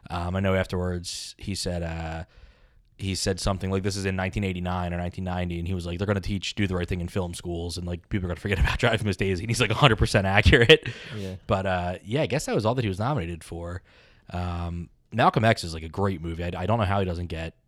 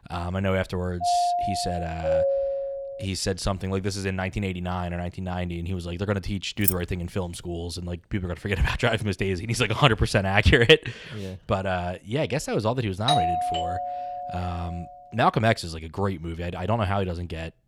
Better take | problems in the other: first | doorbell; loud; from 1 to 3 s and from 13 to 15 s; peak 4 dB above the speech // jangling keys; loud; at 6.5 s; peak 2 dB above the speech

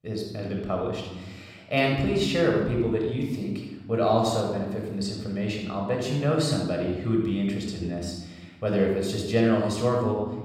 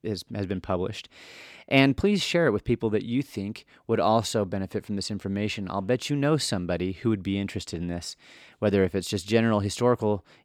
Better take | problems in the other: second | off-mic speech; somewhat distant // room echo; noticeable; dies away in 1 s

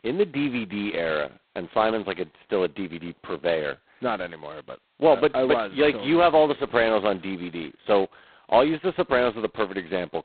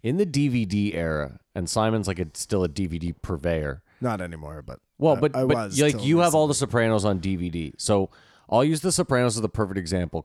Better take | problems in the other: second | phone-call audio; poor line; nothing above 4 kHz

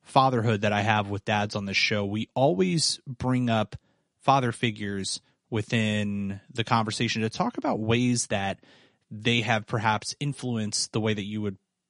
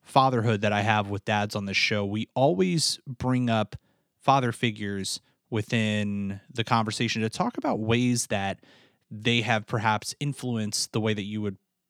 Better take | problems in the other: second | garbled, watery; slightly; nothing above 10 kHz

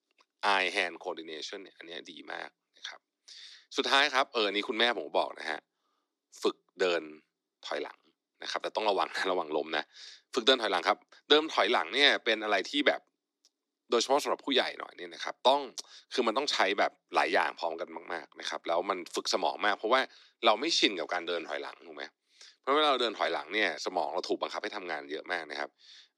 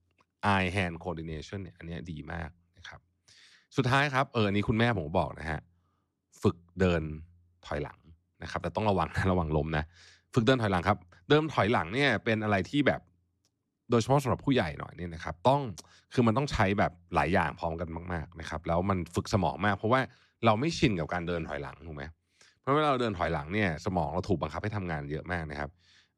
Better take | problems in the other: second | thin; somewhat; fading below 300 Hz

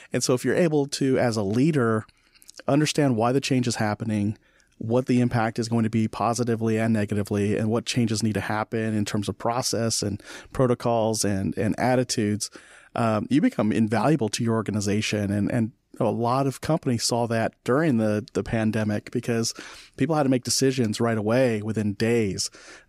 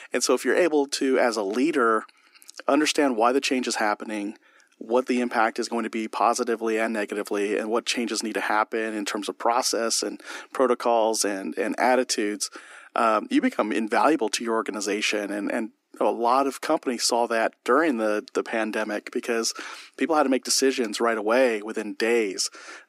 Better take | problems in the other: first | thin; somewhat; fading below 250 Hz

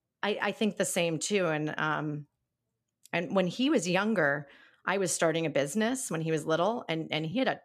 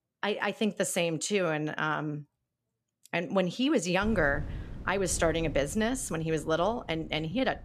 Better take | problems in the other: first | wind noise on the microphone; occasional gusts; from 4 s on; 25 dB below the speech

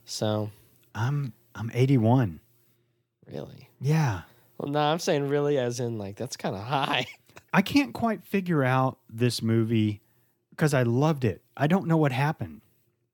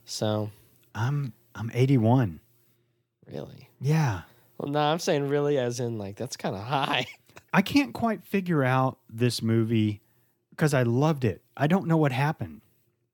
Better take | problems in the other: neither | none

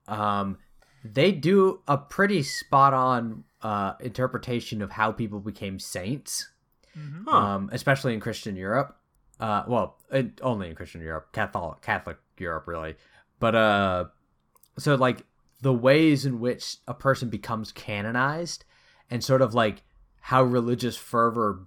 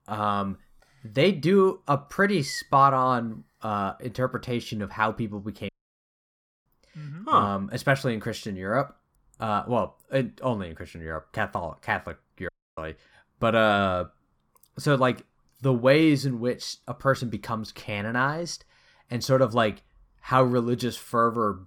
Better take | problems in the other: first | audio cutting out; at 5.5 s for 1 s and at 12 s

